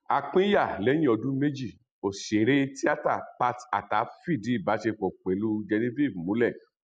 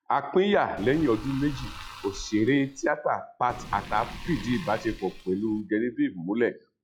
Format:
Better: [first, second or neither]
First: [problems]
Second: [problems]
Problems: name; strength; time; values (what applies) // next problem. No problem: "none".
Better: first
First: none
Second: noise reduction (classical method log-MMSE)